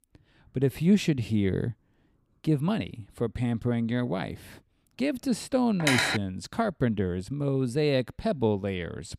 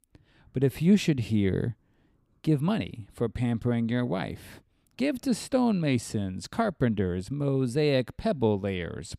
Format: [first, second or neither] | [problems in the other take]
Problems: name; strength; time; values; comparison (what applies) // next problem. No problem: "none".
second | clattering dishes; loud; at 6 s; peak 3 dB above the speech